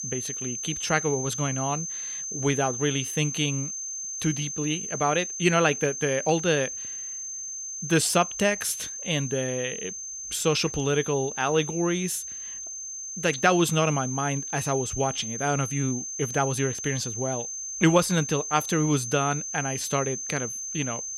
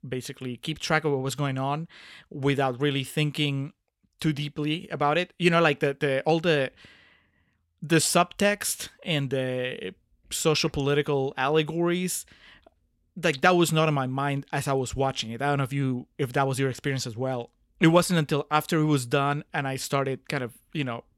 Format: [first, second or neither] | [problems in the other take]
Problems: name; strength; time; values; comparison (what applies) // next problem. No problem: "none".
second | high-pitched whine; loud; throughout; 6.5 kHz, 5 dB below the speech